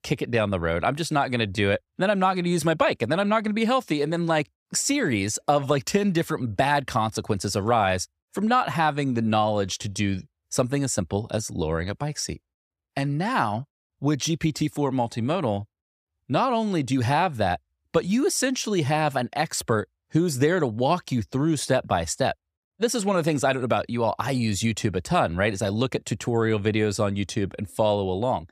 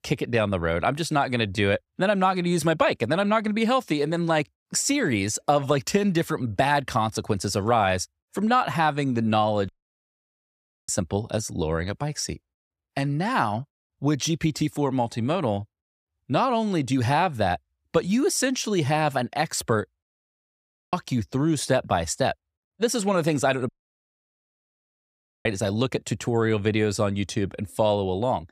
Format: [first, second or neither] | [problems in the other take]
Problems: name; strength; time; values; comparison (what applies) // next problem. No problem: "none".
first | audio cutting out; at 9.5 s for 1 s, at 20 s for 1 s and at 24 s for 2 s